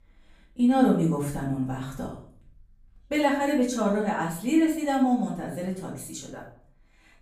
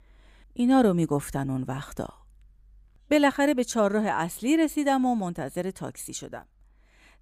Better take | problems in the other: second | room echo; slight; dies away in 0.5 s // off-mic speech; far

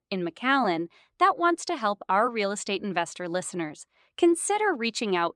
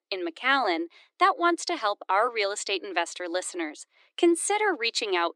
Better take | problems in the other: first | thin; somewhat; fading below 300 Hz

